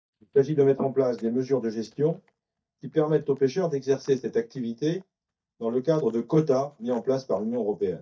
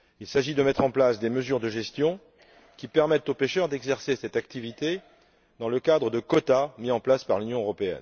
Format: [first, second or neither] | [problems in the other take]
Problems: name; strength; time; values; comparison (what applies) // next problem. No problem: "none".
second | noise reduction (neural mask model DeepFilterNet 3)